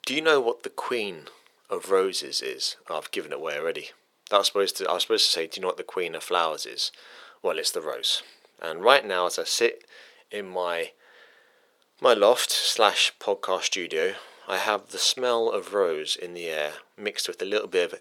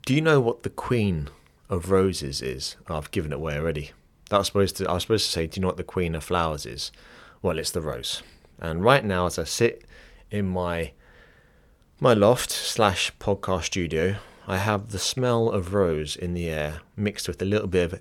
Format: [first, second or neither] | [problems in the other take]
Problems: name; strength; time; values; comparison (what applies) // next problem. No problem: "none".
second | thin; very; fading below 400 Hz